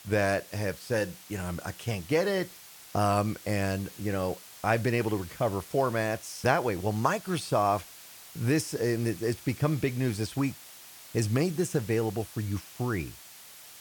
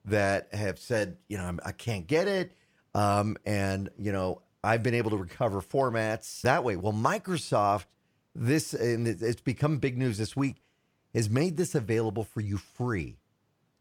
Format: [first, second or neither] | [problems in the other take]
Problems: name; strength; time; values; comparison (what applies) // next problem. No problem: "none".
second | hiss; noticeable; throughout; 15 dB below the speech